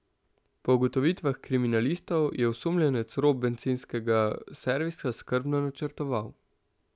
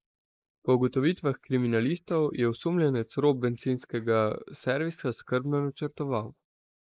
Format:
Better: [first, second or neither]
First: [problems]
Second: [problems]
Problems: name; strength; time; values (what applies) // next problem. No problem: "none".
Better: first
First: none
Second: noise reduction (neural mask model Resemble Enhance denoiser)